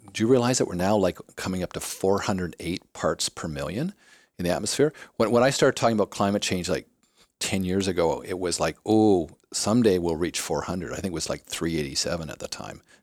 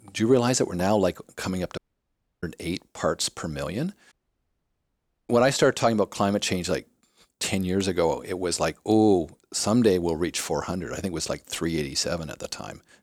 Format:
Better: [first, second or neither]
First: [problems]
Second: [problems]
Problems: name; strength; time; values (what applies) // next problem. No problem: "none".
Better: first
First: none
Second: audio cutting out; at 2 s for 0.5 s and at 4 s for 1 s